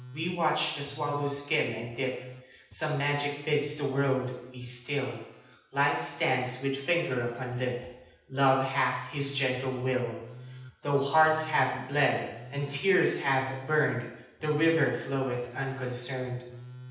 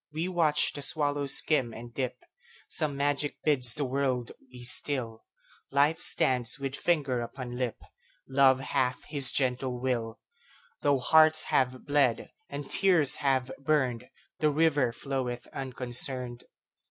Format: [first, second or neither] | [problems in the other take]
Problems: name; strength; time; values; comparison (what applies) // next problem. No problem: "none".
second | background sound (Telephone); 20 dB below the speech // room echo; dies away in 0.9 s